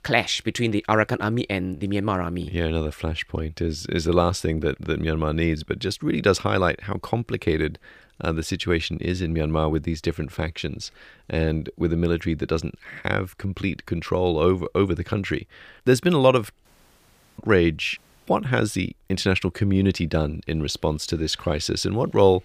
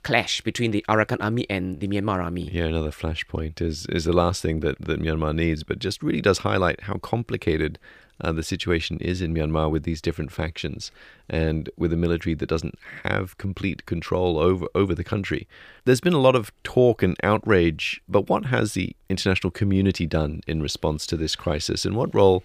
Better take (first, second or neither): second